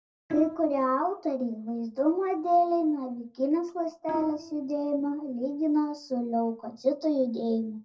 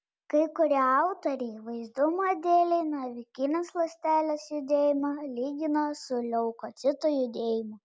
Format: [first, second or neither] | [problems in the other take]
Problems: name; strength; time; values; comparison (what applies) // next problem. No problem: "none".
second | noise reduction (neural separator model SepFormer DNS4)